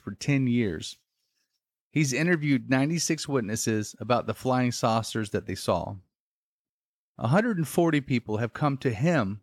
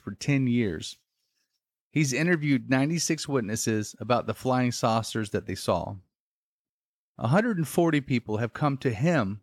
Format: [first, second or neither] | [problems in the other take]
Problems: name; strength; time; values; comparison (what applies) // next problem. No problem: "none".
neither | none